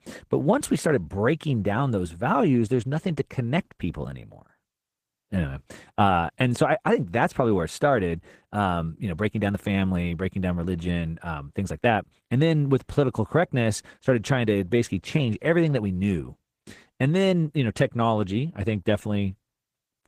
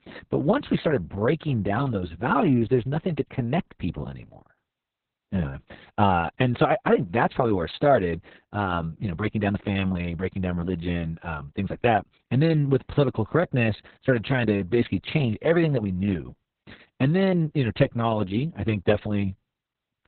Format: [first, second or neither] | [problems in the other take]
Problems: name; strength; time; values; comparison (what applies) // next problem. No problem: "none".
first | garbled, watery; badly; nothing above 4 kHz; slightly in the first